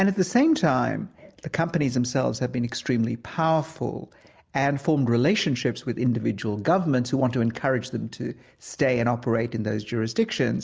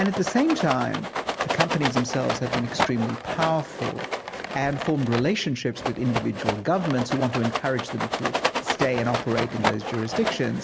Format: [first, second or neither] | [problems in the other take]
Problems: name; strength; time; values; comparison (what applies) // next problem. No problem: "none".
first | background sound (Rattle); 3 dB below the speech